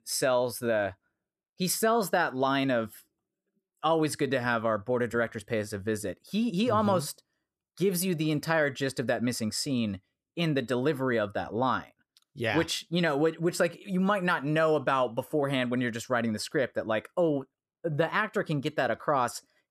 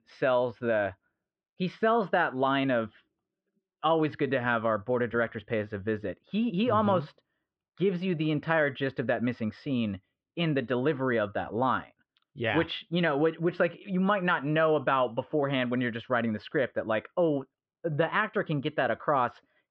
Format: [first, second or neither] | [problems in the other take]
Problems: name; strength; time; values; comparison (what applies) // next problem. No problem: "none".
first | muffled; very; fading above 3.5 kHz